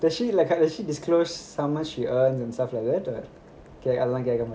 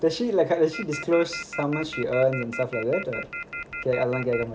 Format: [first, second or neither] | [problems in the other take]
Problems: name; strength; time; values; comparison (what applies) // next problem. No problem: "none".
first | background sound (Telephone); 10 dB below the speech